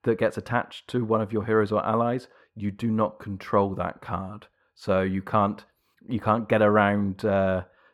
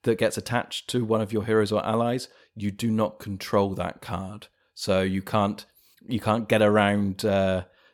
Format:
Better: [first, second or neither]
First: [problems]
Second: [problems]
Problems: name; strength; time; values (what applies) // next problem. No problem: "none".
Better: second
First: muffled; slightly; fading above 3 kHz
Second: none